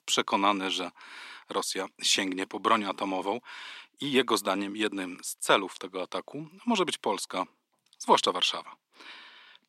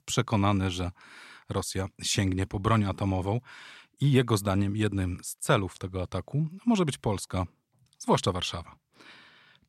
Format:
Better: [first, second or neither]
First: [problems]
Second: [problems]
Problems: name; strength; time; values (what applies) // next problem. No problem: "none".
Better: second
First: thin; somewhat; fading below 250 Hz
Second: none